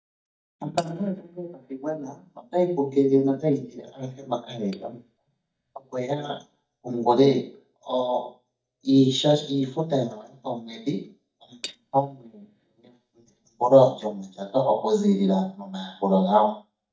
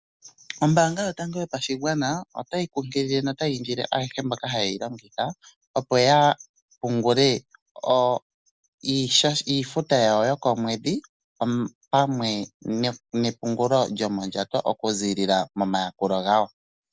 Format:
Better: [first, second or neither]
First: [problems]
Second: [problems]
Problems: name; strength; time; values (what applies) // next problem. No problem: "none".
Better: second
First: noise reduction (neural mask model DeepFilterNet 3)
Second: none